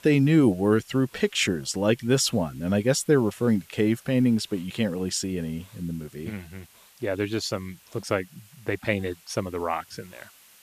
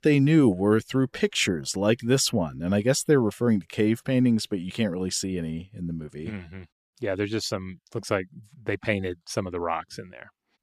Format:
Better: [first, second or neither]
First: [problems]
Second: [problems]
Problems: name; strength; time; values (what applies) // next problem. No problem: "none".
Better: second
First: hiss; faint; throughout; 25 dB below the speech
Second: none